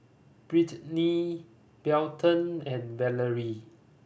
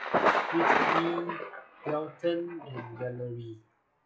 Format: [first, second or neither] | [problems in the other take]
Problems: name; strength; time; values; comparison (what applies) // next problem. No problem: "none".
first | noise reduction (classical method log-MMSE)